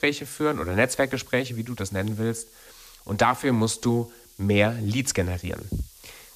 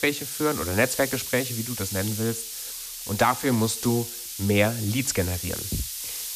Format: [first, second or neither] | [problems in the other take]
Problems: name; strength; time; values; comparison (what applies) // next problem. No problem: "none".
first | hiss; loud; throughout; 5 dB below the speech; faint in the first